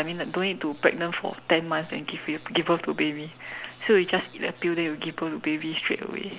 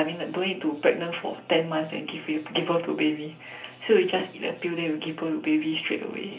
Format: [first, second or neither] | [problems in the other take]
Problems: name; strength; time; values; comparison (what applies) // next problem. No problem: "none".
first | room echo; dies away in 0.3 s